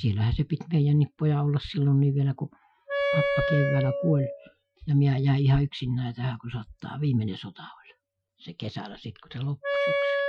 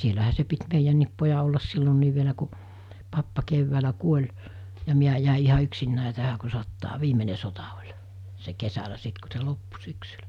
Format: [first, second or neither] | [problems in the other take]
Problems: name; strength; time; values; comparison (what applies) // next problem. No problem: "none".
second | noise reduction (classical method Wiener filter)